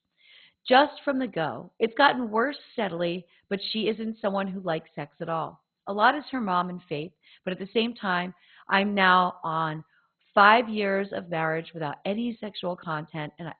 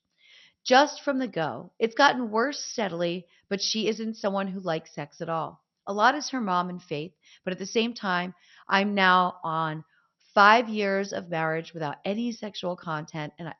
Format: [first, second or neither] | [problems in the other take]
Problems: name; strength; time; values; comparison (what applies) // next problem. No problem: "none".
second | garbled, watery; badly; nothing above 4 kHz; slightly in the second